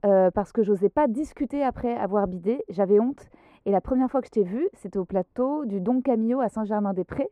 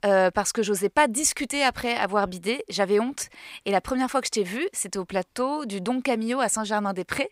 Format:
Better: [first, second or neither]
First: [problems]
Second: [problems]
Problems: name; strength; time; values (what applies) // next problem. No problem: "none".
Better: second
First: muffled; very; fading above 1.5 kHz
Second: none